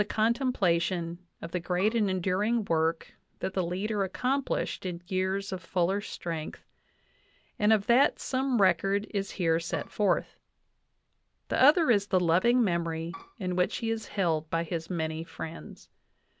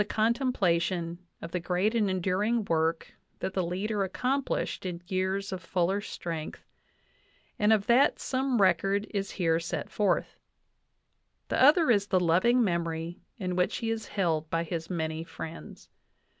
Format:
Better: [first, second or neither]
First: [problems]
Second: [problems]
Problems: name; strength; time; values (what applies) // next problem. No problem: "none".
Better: second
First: background sound (Bowed string instrument); 17 dB below the speech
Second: none